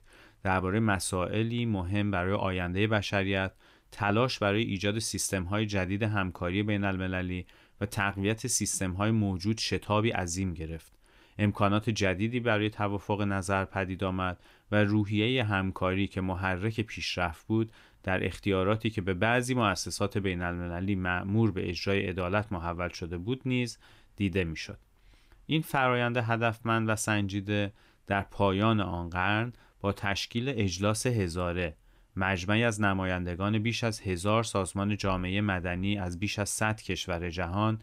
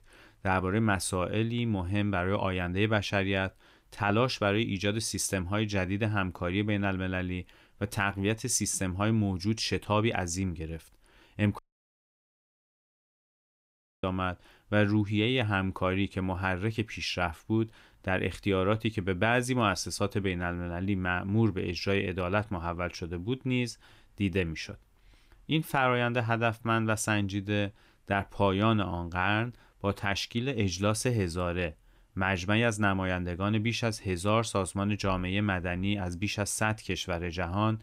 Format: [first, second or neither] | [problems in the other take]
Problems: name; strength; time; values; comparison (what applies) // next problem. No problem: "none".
first | audio cutting out; at 12 s for 2.5 s